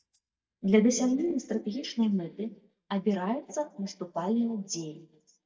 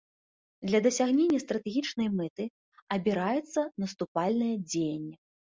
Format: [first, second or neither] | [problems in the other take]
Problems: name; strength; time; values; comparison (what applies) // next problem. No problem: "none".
second | noise reduction (neural mask model DeepFilterNet 3)